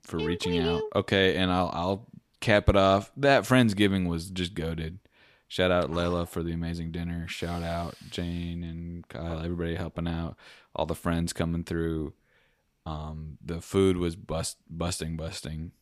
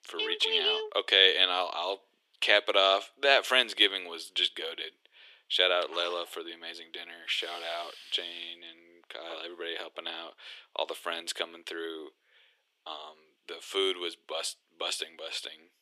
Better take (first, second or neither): first